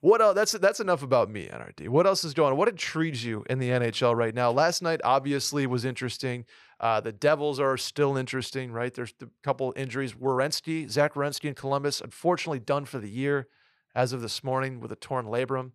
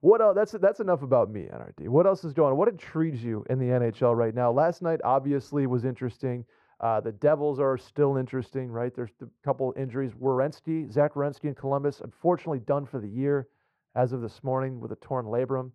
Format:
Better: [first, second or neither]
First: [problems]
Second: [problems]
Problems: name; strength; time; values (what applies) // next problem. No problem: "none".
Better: first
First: none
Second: muffled; very; fading above 2 kHz